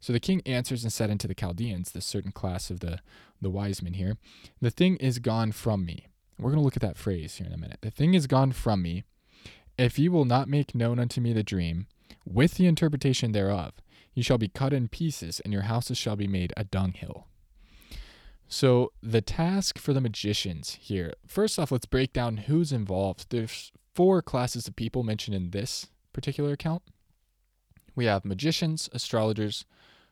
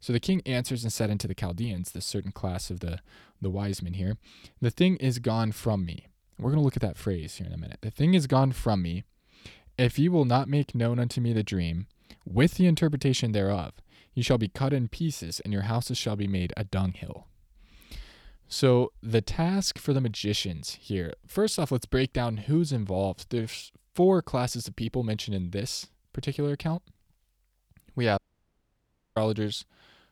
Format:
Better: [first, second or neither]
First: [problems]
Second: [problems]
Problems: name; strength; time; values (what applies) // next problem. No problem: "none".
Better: first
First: none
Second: audio cutting out; at 28 s for 1 s